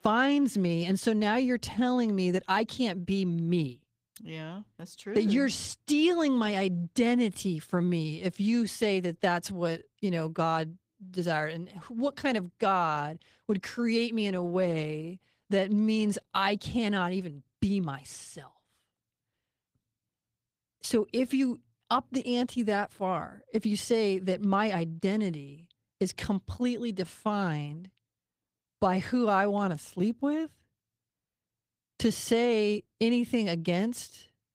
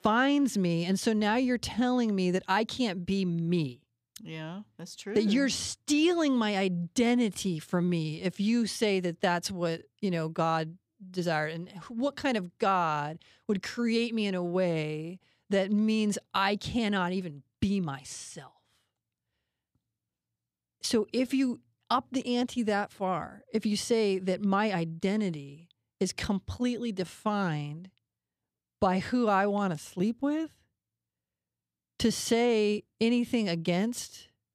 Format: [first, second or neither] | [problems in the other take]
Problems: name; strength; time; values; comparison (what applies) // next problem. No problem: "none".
second | garbled, watery; slightly; nothing above 15.5 kHz